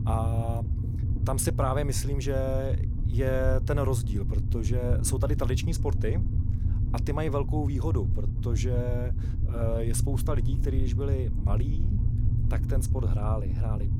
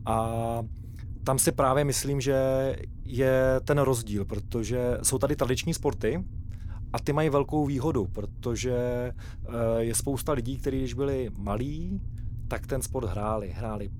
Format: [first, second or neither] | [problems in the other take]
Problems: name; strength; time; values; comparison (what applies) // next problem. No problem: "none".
second | low rumble; loud; throughout; 9 dB below the speech; faint in the second